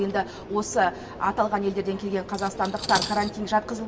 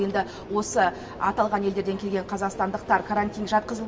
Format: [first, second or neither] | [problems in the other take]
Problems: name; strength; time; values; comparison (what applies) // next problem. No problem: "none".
second | background sound (Cutlery, silverware); 12 dB below the speech